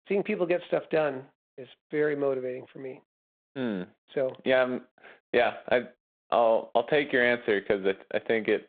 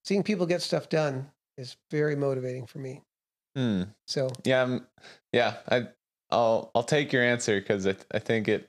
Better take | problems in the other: second | phone-call audio; nothing above 3.5 kHz

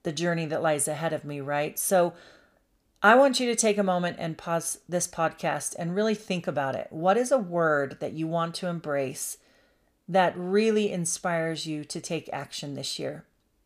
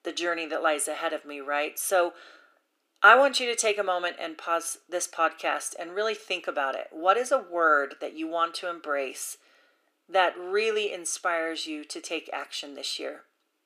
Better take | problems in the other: first | thin; very; fading below 300 Hz

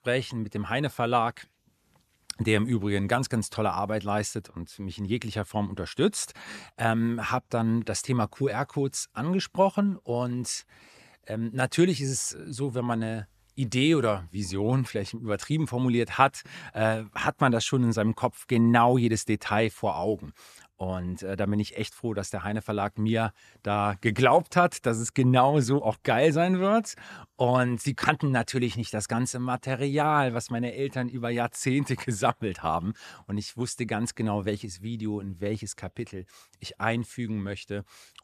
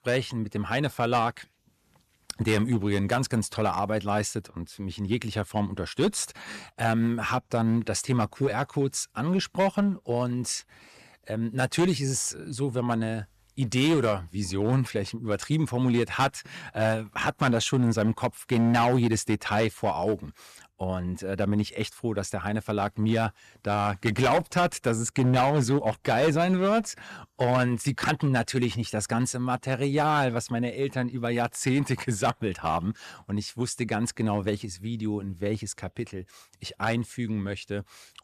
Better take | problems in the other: first | distortion; slight; 5% of the sound clipped

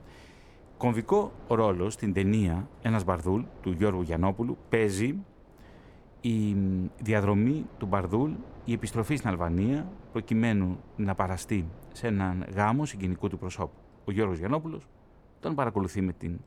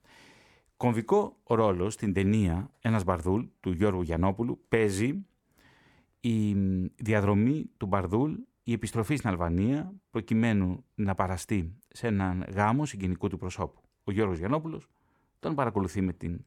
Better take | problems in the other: second | wind noise on the microphone; occasional gusts; 25 dB below the speech

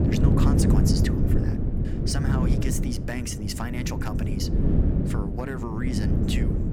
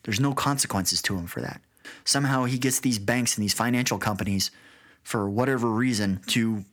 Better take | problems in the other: second | wind noise on the microphone; heavy; 1 dB above the speech

